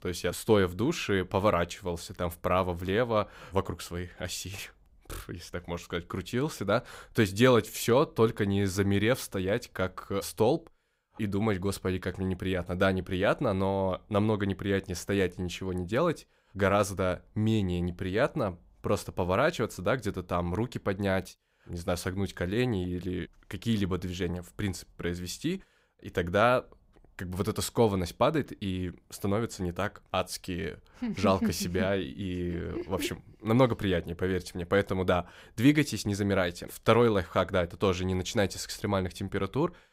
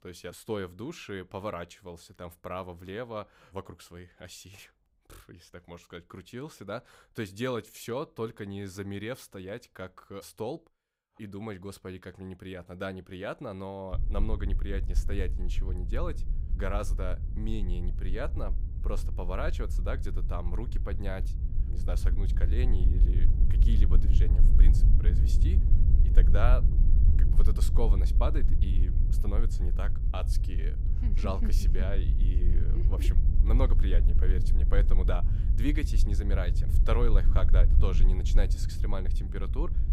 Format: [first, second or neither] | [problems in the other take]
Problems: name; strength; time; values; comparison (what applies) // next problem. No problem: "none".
first | low rumble; loud; from 14 s on; 8 dB below the speech